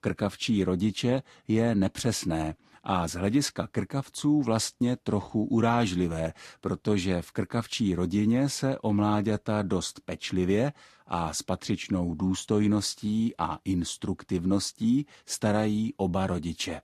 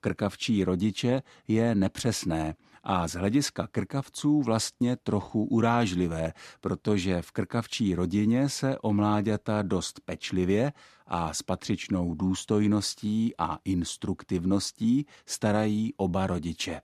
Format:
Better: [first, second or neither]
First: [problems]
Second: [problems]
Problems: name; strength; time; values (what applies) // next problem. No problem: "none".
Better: second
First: garbled, watery; slightly; nothing above 14 kHz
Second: none